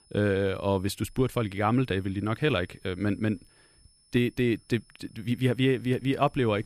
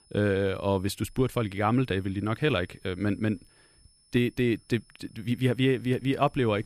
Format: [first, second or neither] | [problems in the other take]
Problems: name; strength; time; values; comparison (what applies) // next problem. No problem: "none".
neither | high-pitched whine; faint; throughout; 5.5 kHz, 30 dB below the speech; the same in both